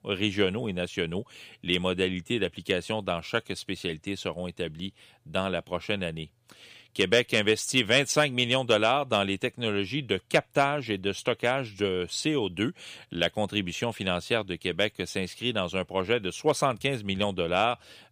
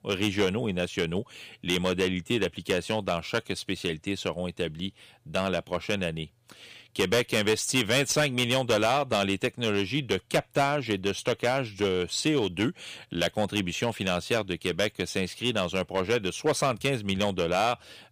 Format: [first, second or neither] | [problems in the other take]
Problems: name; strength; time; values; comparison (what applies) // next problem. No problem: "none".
first | distortion; slight; 5% of the sound clipped